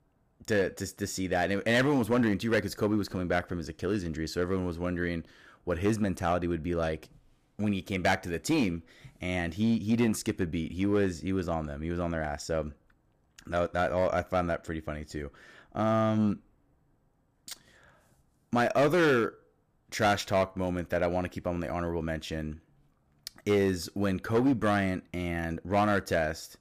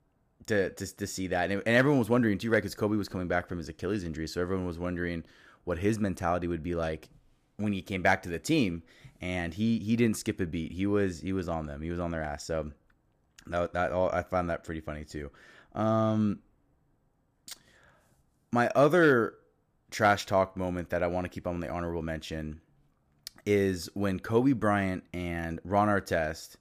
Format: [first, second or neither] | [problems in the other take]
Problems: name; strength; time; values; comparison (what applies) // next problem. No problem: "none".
second | distortion; slight; 3% of the sound clipped